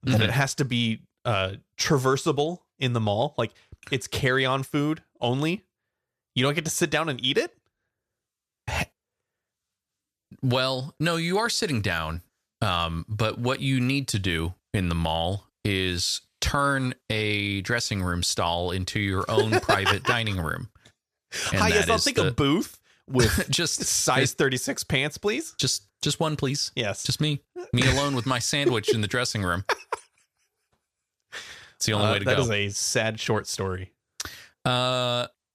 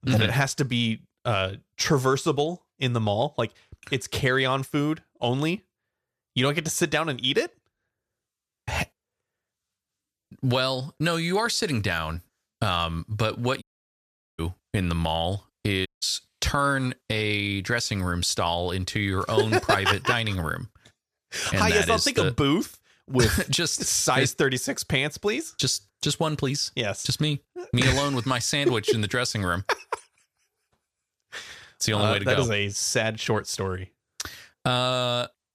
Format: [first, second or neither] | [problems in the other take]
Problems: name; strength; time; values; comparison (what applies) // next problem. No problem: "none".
first | audio cutting out; at 14 s for 1 s and at 16 s